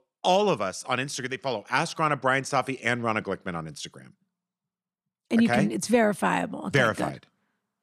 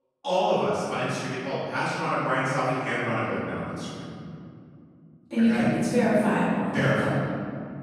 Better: first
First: none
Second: off-mic speech; far // room echo; strong; dies away in 2.8 s

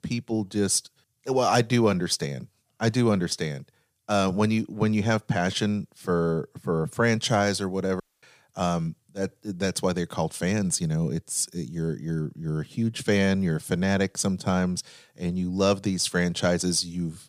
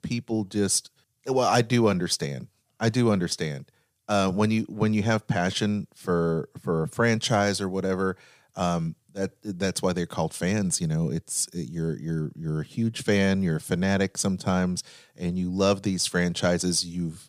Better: second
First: audio cutting out; at 8 s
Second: none

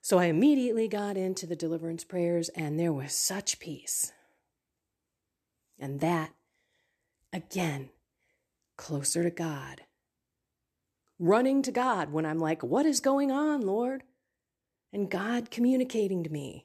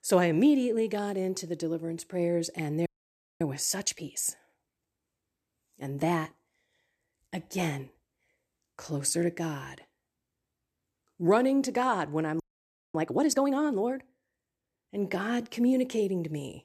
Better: first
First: none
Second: audio freezing; at 3 s for 0.5 s and at 12 s for 0.5 s

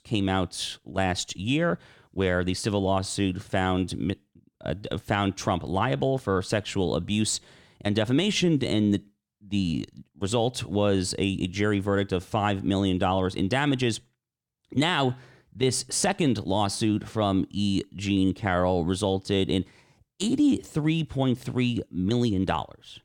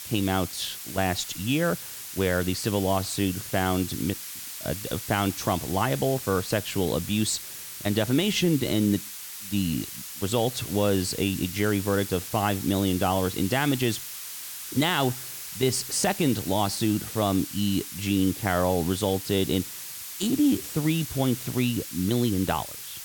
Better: first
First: none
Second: hiss; loud; throughout; 9 dB below the speech

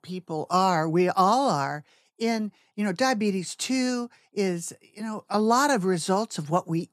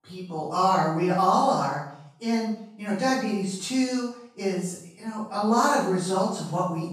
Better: first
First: none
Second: off-mic speech; far // room echo; strong; dies away in 0.6 s

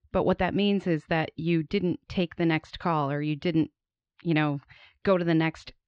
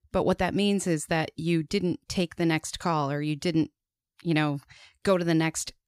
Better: second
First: muffled; slightly; fading above 3.5 kHz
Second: none

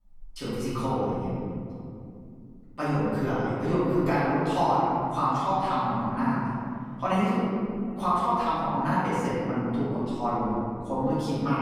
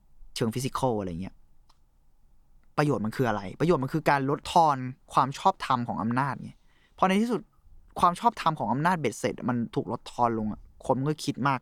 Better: second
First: room echo; strong; dies away in 3 s // off-mic speech; far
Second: none

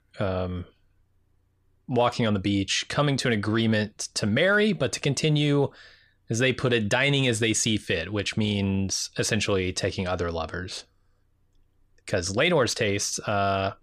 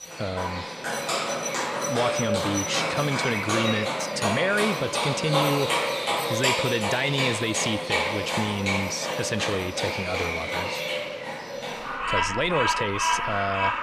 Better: first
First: none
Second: animal sounds; very loud; throughout; 1 dB above the speech

